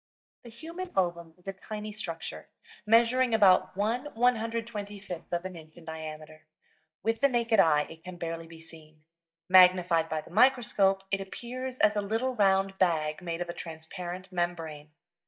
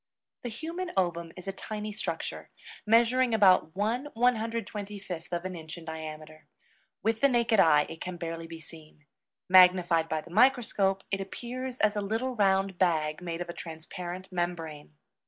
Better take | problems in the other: second | noise reduction (neural mask model DeepFilterNet 3)

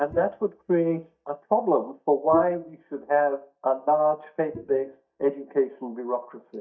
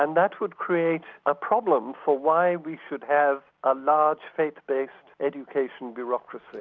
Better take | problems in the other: second | noise reduction (neural mask model DeepFilterNet 3)

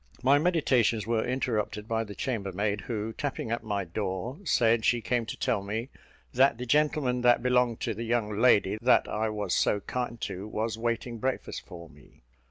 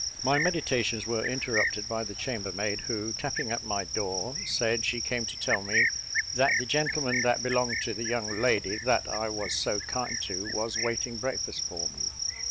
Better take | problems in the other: first | background sound (Cricket); 1 dB below the speech

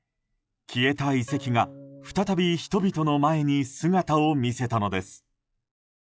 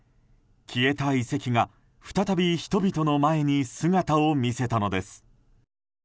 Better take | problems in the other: second | noise reduction (classical method log-MMSE)

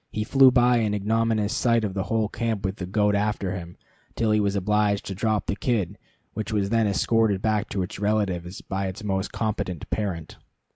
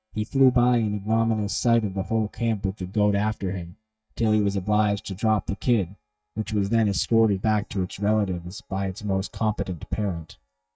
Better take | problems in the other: first | noise reduction (neural mask model DeepFilterNet 3)

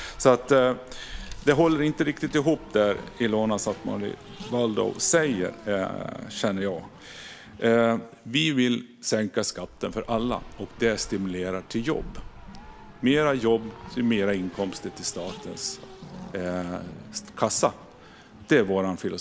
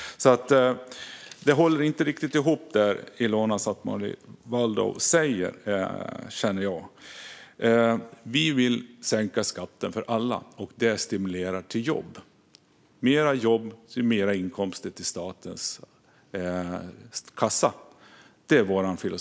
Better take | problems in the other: second | background sound (Race car, auto racing); 17 dB below the speech

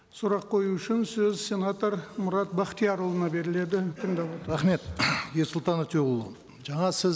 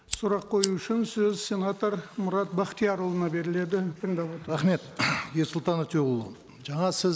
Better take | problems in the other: first | noise reduction (neural mask model Resemble Enhance denoiser)

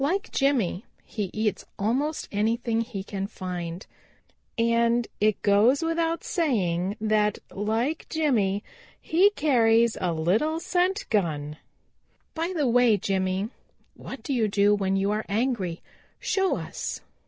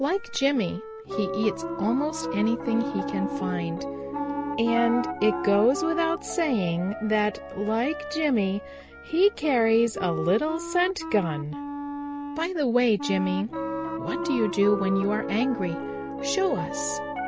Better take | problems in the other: first | background sound (Wind instrument, woodwind instrument + Piano); 6 dB below the speech

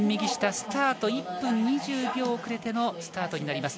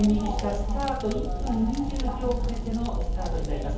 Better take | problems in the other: first | background sound (Fire); as loud as the speech // room echo; dies away in 0.7 s

